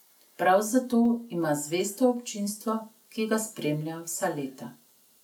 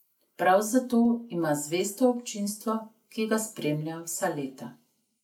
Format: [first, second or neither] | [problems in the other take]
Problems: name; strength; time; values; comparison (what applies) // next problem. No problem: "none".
first | noise reduction (neural mask model Resemble Enhance denoiser)